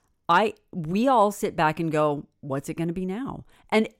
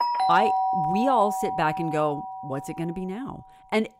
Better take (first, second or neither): first